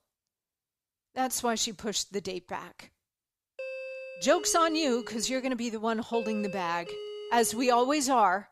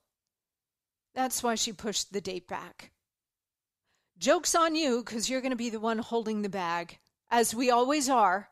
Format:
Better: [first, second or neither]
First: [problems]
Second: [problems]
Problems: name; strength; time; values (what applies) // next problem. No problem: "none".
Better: second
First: doorbell; noticeable; from 3.5 to 8 s; peak 10 dB below the speech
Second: none